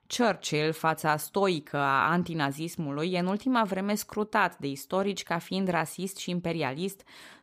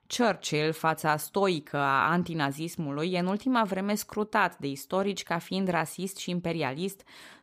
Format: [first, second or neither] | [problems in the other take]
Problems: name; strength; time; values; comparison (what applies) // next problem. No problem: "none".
neither | none